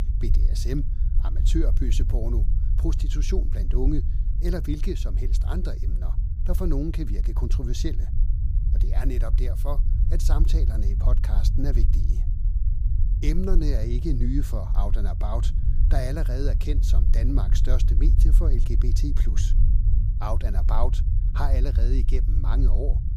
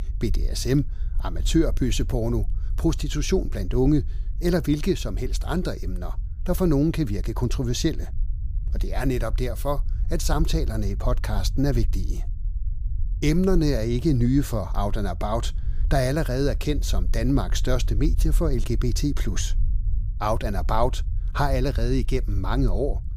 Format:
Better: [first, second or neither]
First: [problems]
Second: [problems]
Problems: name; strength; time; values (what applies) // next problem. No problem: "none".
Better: second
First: low rumble; loud; throughout; 8 dB below the speech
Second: low rumble; faint; throughout; 20 dB below the speech